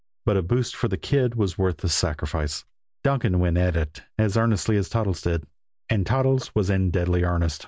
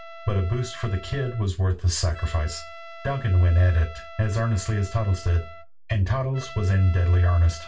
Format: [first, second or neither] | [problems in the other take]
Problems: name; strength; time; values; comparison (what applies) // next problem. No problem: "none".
first | background sound (Trumpet); 20 dB below the speech // room echo; dies away in 0.2 s